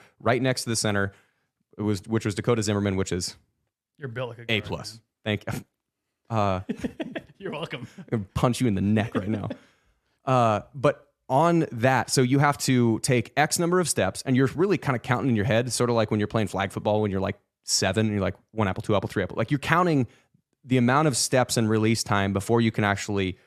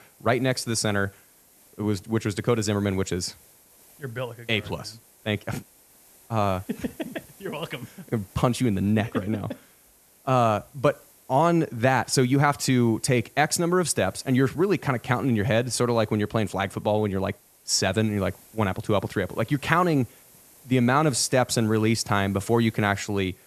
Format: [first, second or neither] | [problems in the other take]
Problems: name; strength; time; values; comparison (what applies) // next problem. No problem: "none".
first | hiss; faint; throughout; 25 dB below the speech